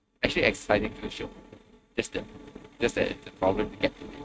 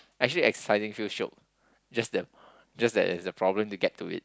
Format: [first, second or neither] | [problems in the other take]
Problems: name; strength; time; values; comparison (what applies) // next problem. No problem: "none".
second | noise reduction (neural mask model RNNoise)